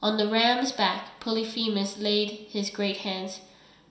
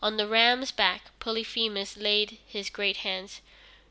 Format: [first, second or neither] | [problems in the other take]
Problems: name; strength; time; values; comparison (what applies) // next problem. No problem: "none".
second | room echo; dies away in 0.7 s